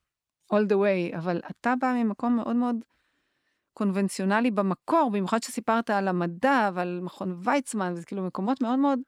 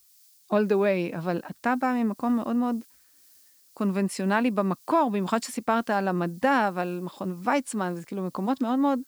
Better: first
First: none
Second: hiss; faint; throughout; 30 dB below the speech

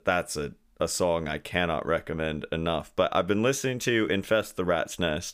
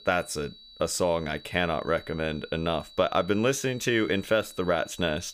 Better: first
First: none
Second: high-pitched whine; noticeable; throughout; 4 kHz, 20 dB below the speech

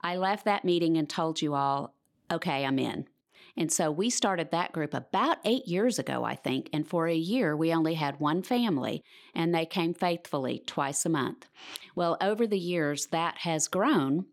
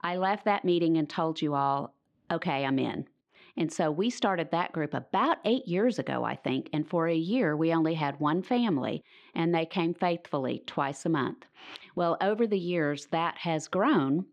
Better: first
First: none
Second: muffled; slightly; fading above 3 kHz

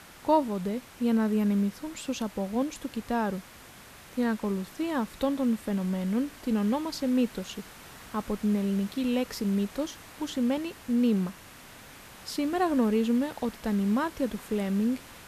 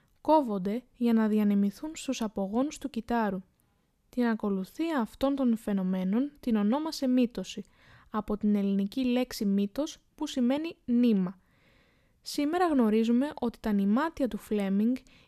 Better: second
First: hiss; noticeable; throughout; 20 dB below the speech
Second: none

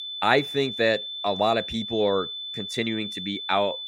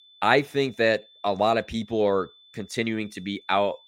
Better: second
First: high-pitched whine; loud; throughout; 3.5 kHz, 6 dB below the speech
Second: high-pitched whine; faint; throughout; 3.5 kHz, 25 dB below the speech

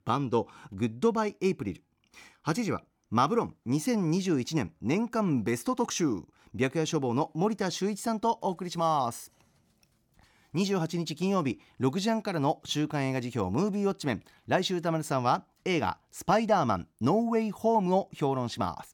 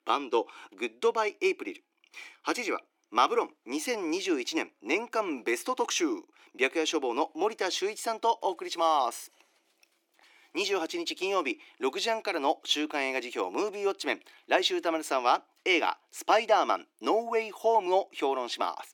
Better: first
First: none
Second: thin; somewhat; fading below 300 Hz

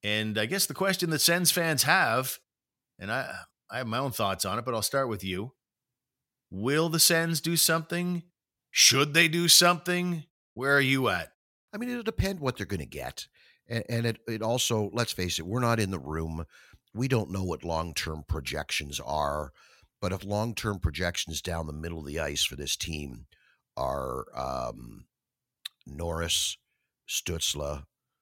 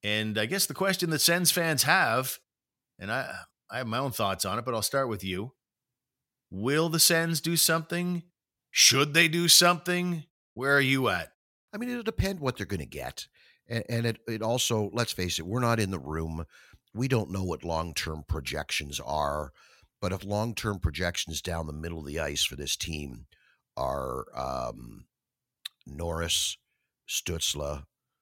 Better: neither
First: none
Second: none

